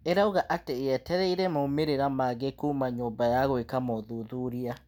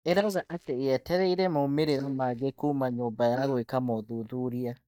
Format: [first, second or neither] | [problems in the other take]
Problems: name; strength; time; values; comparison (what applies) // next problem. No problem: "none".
first | noise reduction (neural mask model DeepFilterNet 3)